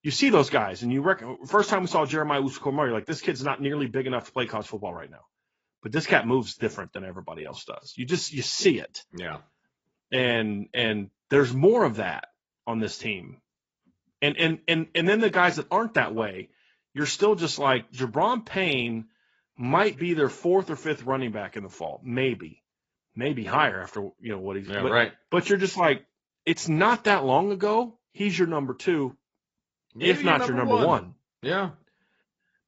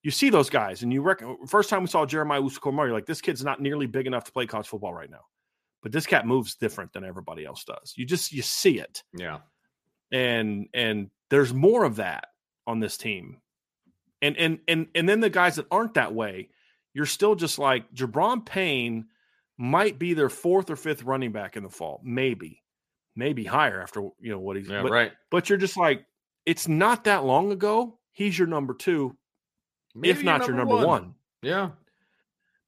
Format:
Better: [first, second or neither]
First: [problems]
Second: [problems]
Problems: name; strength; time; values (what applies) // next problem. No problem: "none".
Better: second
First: garbled, watery; badly; nothing above 7.5 kHz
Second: none